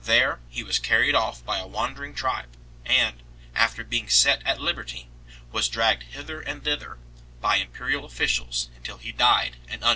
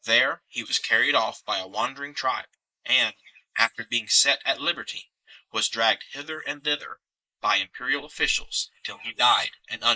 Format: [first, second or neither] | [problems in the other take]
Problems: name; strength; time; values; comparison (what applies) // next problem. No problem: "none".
first | noise reduction (neural mask model Resemble Enhance denoiser)